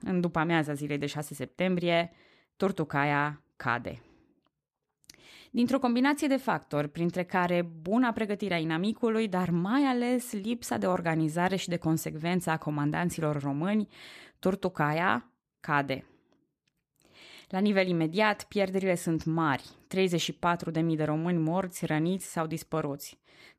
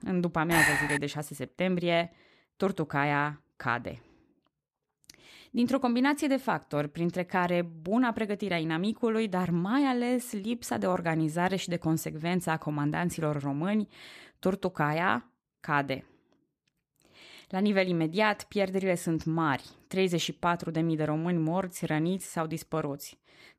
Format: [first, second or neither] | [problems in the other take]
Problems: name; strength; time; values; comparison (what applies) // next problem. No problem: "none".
first | clattering dishes; loud; at 0.5 s; peak 6 dB above the speech